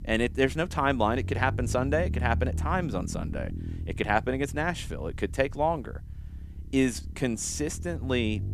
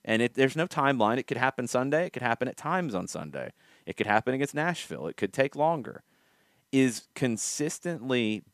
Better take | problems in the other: second | low rumble; noticeable; throughout; 20 dB below the speech

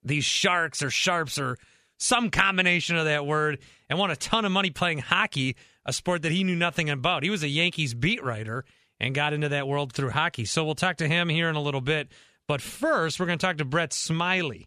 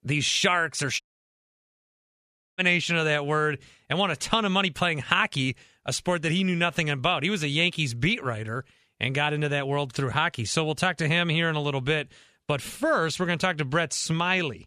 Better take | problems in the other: first | audio cutting out; at 1 s for 1.5 s

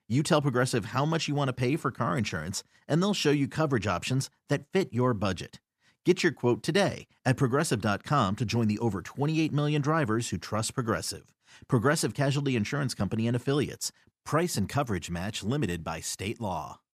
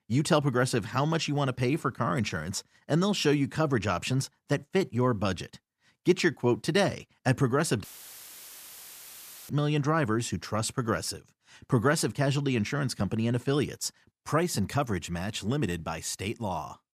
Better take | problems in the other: first | audio cutting out; filled with static; at 8 s for 1.5 s

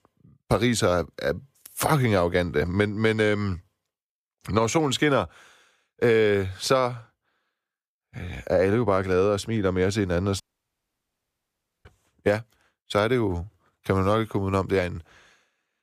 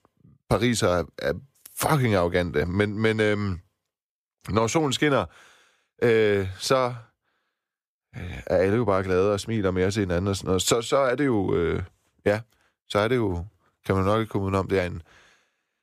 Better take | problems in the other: second | audio cutting out; at 10 s for 1.5 s

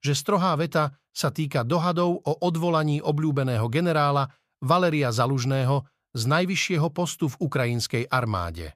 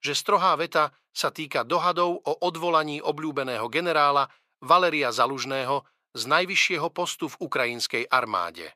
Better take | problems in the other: first | thin; very; fading below 400 Hz

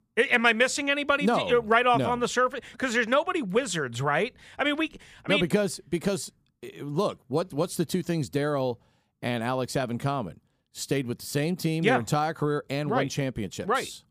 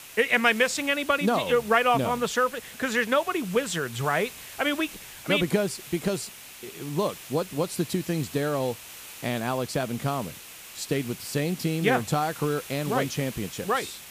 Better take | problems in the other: first | hiss; noticeable; throughout; 15 dB below the speech

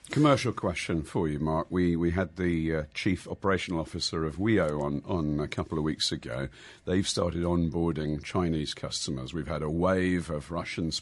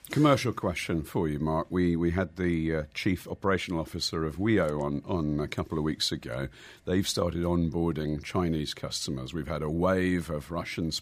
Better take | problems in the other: second | garbled, watery; slightly; nothing above 11 kHz

